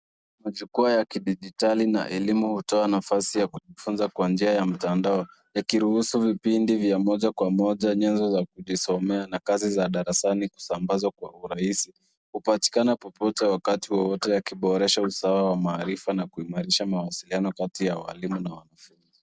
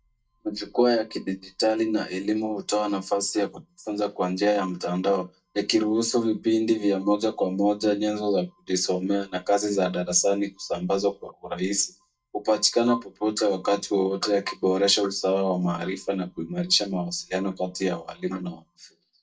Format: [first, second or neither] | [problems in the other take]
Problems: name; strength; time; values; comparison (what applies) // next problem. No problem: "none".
first | noise reduction (neural mask model DeepFilterNet 3)